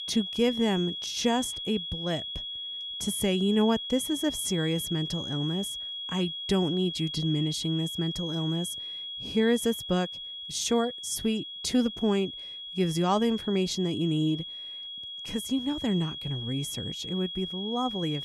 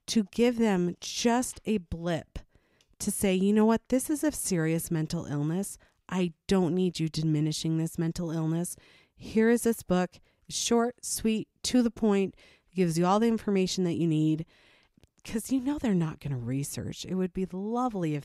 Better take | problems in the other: second | high-pitched whine; loud; throughout; 3.5 kHz, 6 dB below the speech

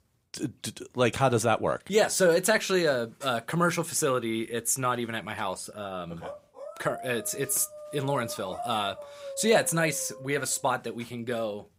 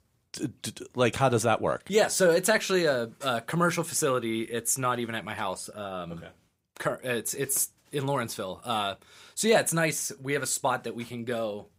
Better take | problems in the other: second | dog barking; faint; from 6 to 11 s; peak 10 dB below the speech

